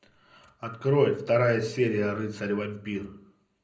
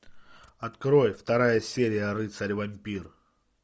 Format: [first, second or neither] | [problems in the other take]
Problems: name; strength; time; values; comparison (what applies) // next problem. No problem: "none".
second | room echo; dies away in 0.5 s